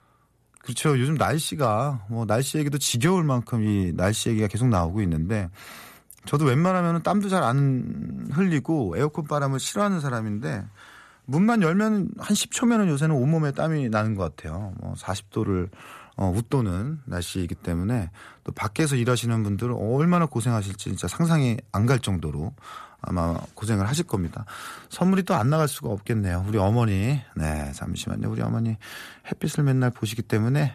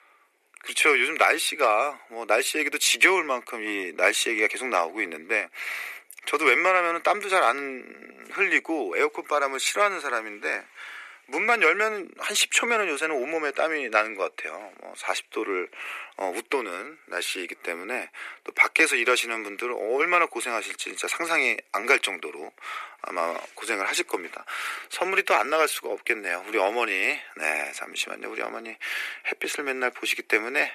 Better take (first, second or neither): first